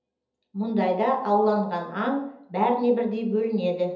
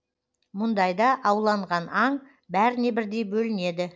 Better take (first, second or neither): second